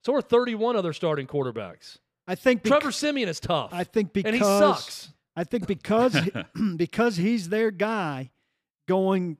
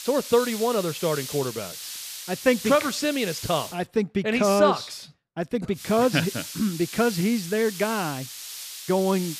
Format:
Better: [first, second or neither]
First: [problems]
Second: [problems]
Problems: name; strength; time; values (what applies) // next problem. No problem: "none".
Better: first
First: none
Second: hiss; noticeable; until 3.5 s and from 6 s on; 10 dB below the speech